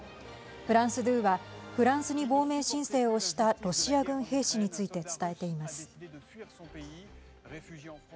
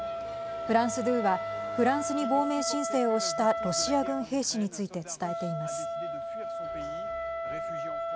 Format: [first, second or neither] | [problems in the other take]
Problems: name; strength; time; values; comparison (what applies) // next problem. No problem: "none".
first | background sound (Wind instrument, woodwind instrument); 4 dB below the speech